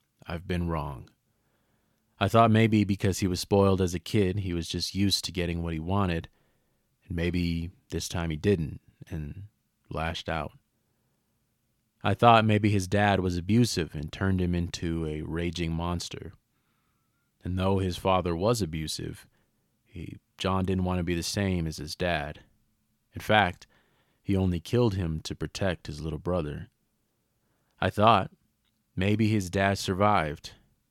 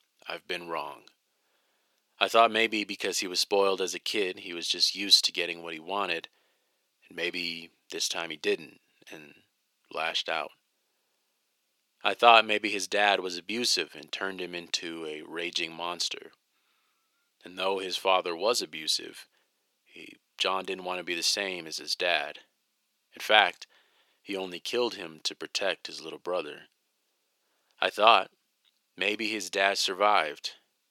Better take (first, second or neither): first